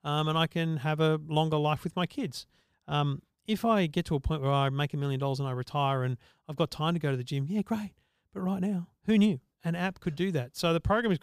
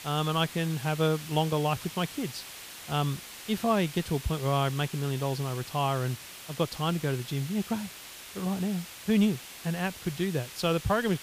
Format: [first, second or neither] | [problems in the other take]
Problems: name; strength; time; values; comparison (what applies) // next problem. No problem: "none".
first | hiss; noticeable; throughout; 10 dB below the speech